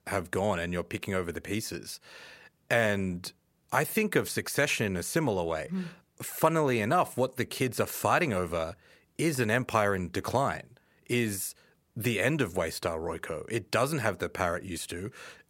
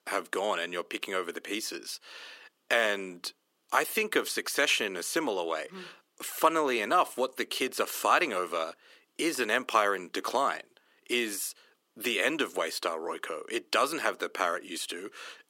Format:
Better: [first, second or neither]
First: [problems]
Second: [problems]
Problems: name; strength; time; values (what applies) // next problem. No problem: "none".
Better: first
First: none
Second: thin; somewhat; fading below 300 Hz